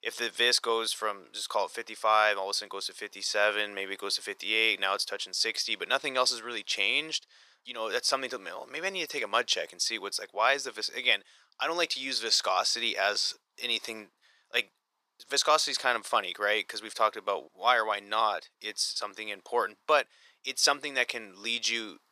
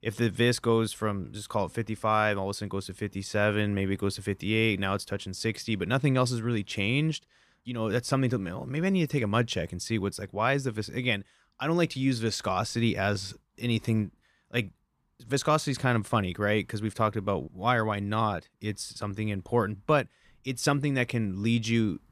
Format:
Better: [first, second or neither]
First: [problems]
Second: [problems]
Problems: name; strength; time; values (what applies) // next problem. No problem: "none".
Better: second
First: thin; very; fading below 550 Hz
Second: none